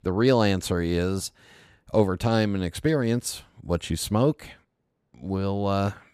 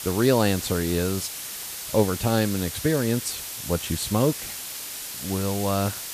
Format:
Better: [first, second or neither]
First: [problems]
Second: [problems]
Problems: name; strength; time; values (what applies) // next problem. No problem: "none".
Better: first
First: none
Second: hiss; loud; throughout; 7 dB below the speech